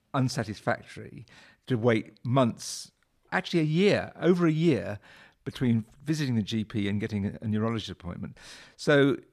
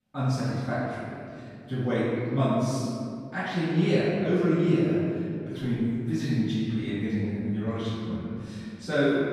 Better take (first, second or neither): first